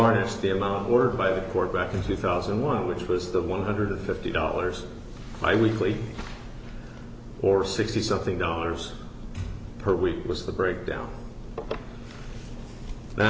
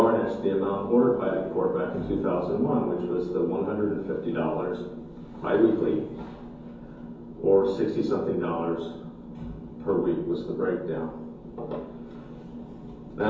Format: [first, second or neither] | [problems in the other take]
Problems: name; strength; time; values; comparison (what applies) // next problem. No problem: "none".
first | room echo; dies away in 0.6 s